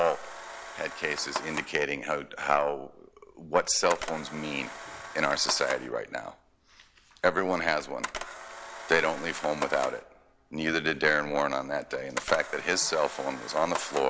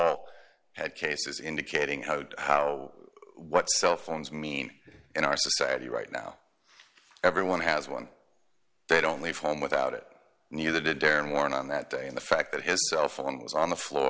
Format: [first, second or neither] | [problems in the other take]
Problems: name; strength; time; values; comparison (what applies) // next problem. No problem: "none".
second | background sound (Camera); 12 dB below the speech